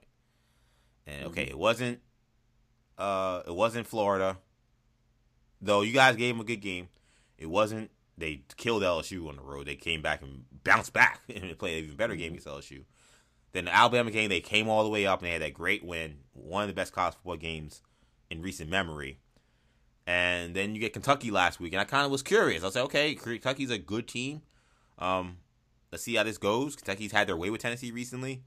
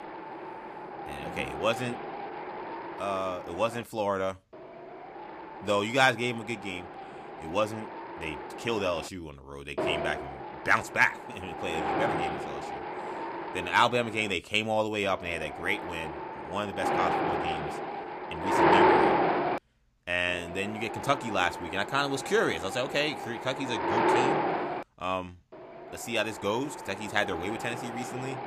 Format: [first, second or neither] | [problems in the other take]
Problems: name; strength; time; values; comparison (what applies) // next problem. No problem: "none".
first | wind noise on the microphone; heavy; 2 dB below the speech